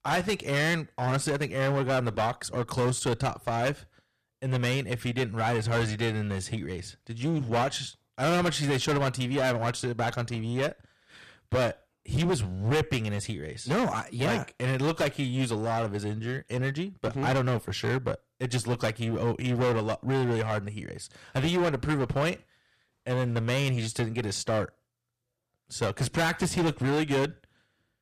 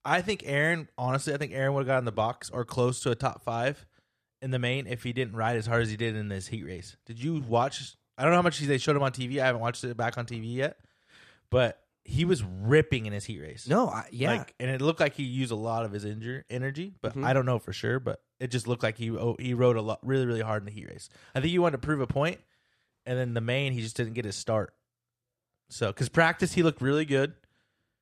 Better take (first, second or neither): second